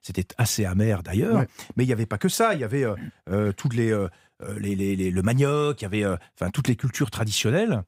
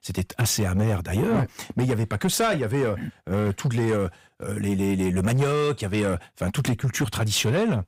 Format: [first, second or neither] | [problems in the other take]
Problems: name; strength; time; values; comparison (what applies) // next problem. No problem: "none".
first | distortion; slight; 10 dB below the speech